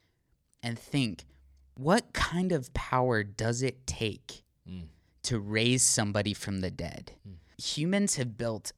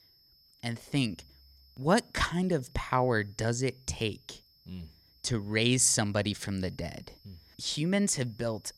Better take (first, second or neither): first